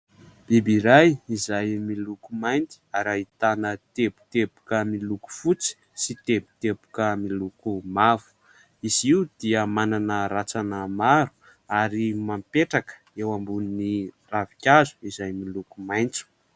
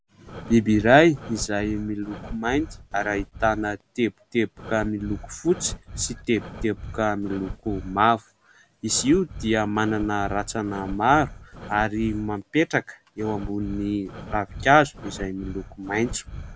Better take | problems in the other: first | background sound (Breathing); 13 dB below the speech

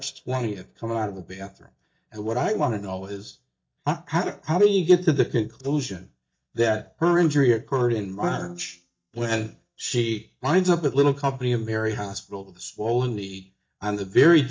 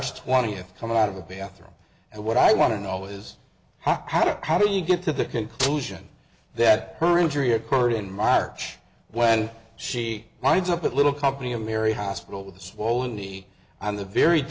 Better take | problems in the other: second | noise reduction (neural mask model DeepFilterNet 3)

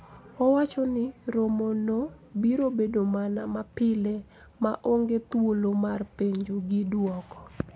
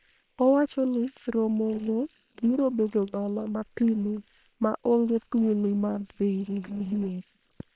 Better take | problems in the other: first | noise reduction (neural separator model SepFormer WHAM!)

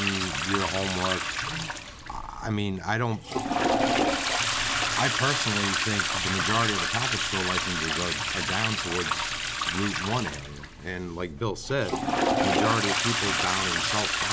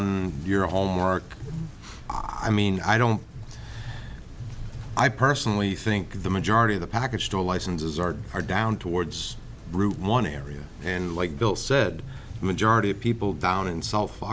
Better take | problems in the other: second | background sound (Toilet flush); 3 dB above the speech

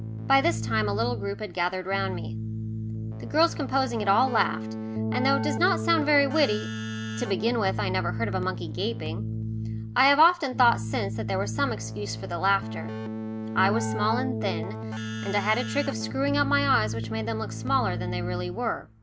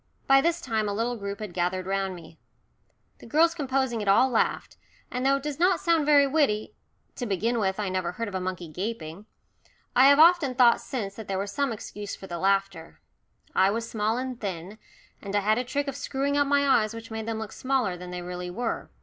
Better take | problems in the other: second | background sound (Keyboard (musical)); 4 dB below the speech

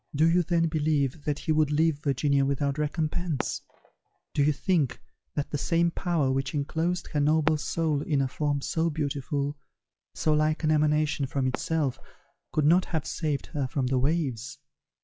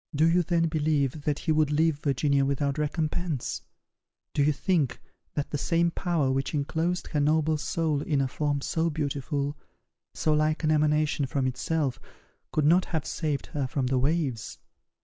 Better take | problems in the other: second | noise reduction (classical method log-MMSE)

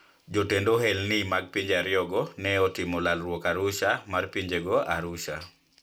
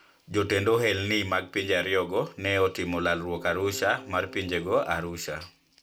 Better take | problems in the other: first | background sound (Keyboard (musical)); 17 dB below the speech

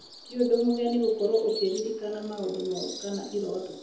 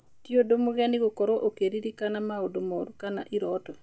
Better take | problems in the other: second | background sound (Bird vocalization, bird call, bird song); 16 dB below the speech // room echo; dies away in 0.7 s

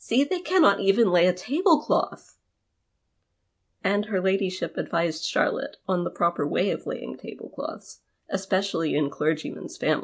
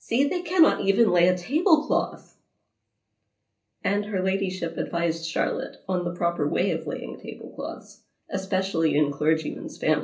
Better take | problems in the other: first | room echo; dies away in 0.3 s

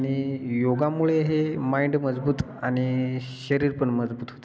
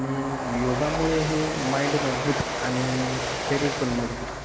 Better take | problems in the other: first | background sound (Train); 2 dB below the speech

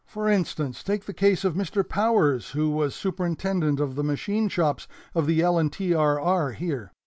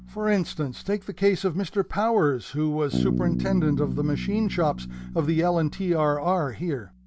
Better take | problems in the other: first | background sound (Bass guitar); 8 dB below the speech

